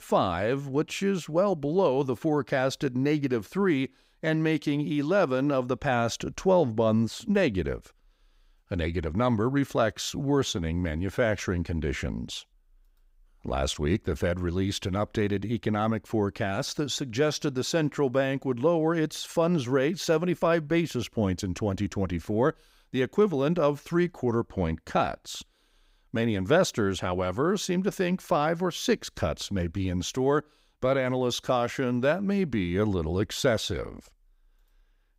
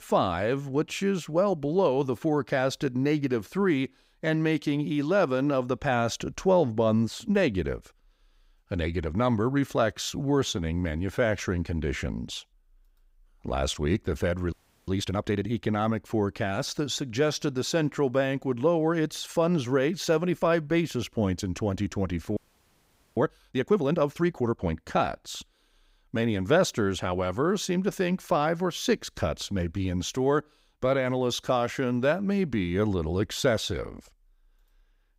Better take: first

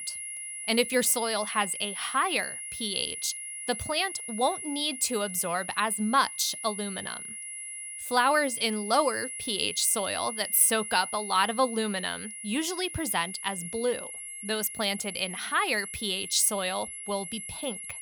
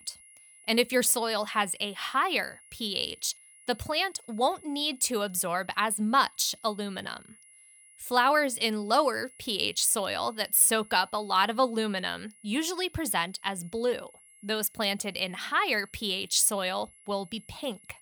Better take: second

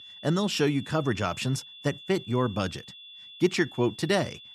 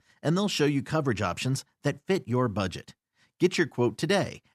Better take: second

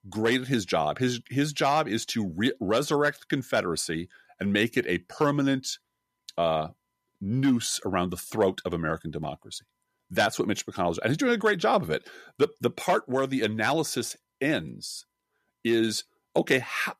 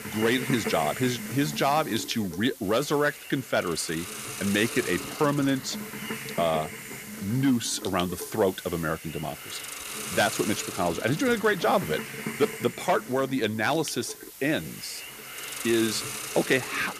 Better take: first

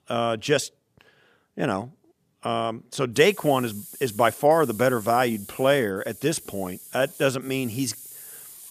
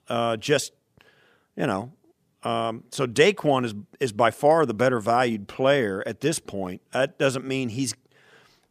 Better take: second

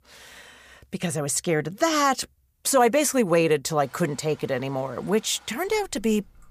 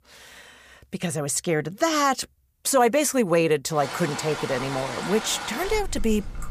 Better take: first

